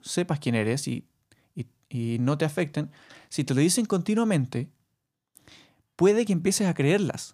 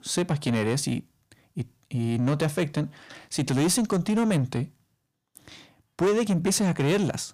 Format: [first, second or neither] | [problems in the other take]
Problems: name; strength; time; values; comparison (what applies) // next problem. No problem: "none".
first | distortion; slight; 10 dB below the speech